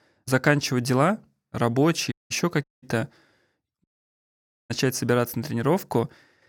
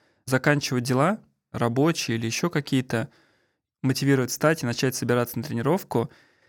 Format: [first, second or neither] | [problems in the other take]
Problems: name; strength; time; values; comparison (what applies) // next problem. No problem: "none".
second | audio cutting out; at 2 s, at 2.5 s and at 4 s for 1 s